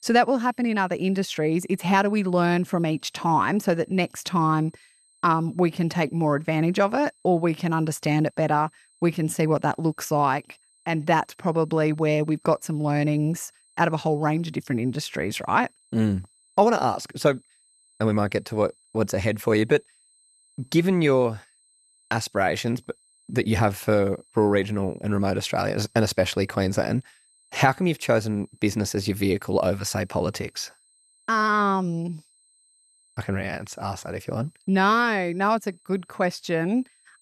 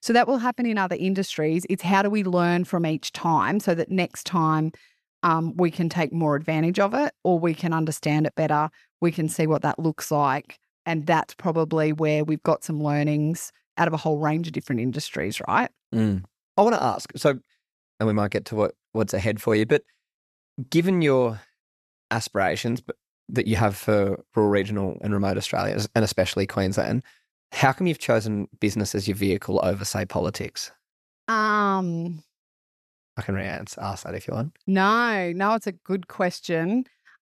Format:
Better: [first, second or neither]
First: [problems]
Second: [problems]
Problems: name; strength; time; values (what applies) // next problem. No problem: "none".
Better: second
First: high-pitched whine; faint; throughout; 8.5 kHz, 35 dB below the speech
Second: none